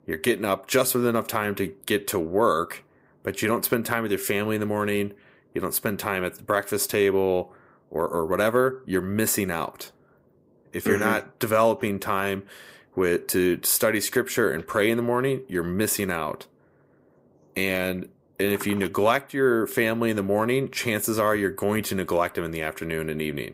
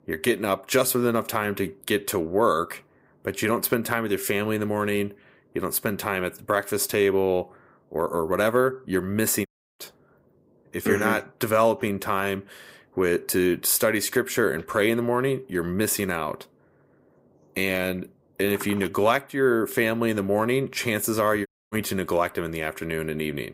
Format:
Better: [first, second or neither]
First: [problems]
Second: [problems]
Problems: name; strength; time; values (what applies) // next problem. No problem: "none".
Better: first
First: none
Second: audio cutting out; at 9.5 s and at 21 s